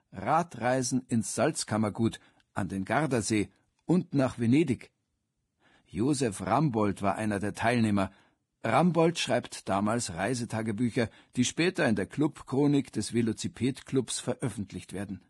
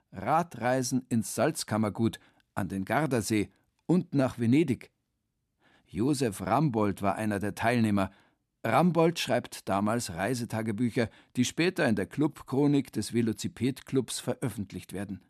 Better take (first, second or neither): second